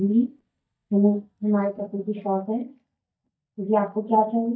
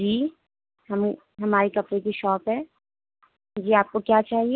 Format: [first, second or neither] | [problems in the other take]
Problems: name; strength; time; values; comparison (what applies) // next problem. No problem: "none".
second | noise reduction (neural mask model DeepFilterNet 3)